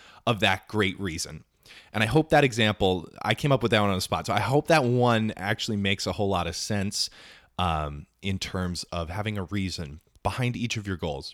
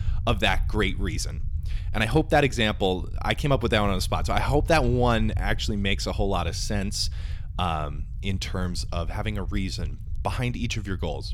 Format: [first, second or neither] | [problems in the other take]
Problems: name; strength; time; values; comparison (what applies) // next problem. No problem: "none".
first | low rumble; faint; throughout; 25 dB below the speech